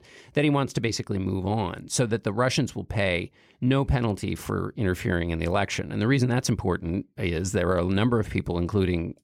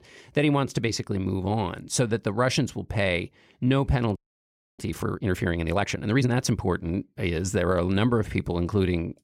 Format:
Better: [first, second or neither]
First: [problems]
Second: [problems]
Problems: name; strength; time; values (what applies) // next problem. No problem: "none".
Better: first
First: none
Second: audio freezing; at 4 s for 0.5 s